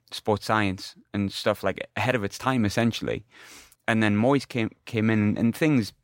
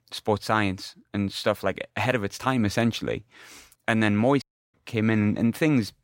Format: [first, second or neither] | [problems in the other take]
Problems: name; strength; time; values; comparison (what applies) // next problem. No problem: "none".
first | audio cutting out; at 4.5 s